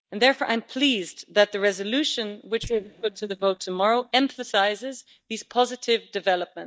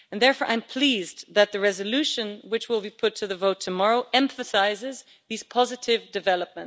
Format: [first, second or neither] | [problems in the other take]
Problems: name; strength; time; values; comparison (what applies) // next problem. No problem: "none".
second | noise reduction (neural mask model DeepFilterNet 3)